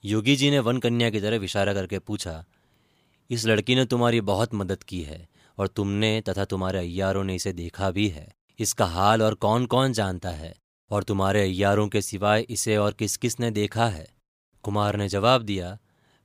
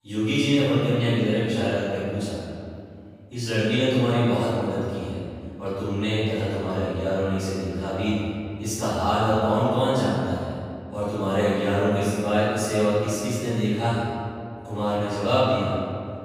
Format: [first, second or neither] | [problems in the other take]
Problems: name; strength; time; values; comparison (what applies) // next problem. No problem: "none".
first | off-mic speech; far // room echo; strong; dies away in 2.2 s